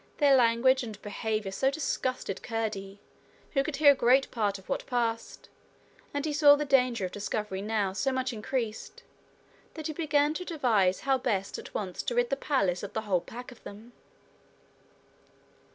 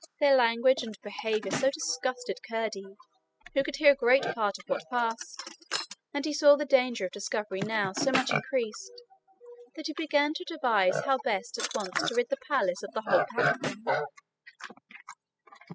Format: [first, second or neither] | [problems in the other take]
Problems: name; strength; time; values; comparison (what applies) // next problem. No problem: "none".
first | noise reduction (classical method spectral subtraction)